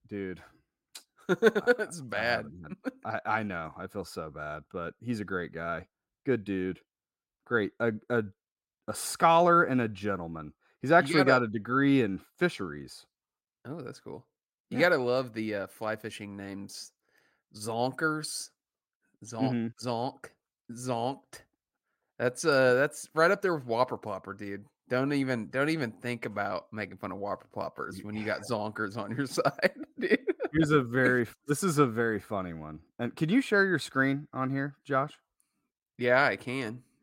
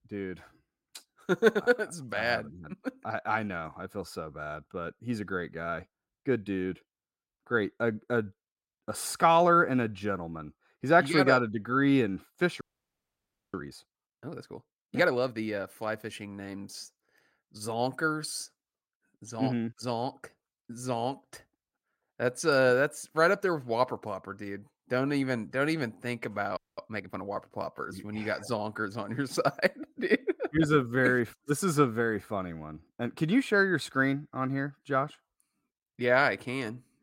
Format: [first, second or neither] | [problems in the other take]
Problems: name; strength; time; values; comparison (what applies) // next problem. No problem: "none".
first | audio freezing; at 13 s for 1 s and at 27 s